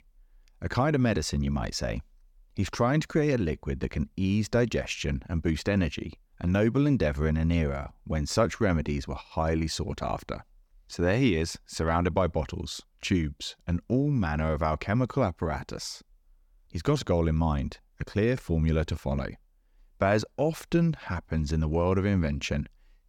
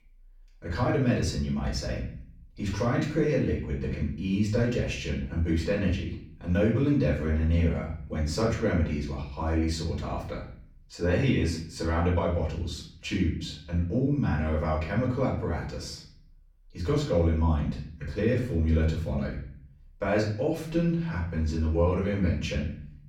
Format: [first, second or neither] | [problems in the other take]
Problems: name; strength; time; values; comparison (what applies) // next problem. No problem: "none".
first | off-mic speech; far // room echo; noticeable; dies away in 0.6 s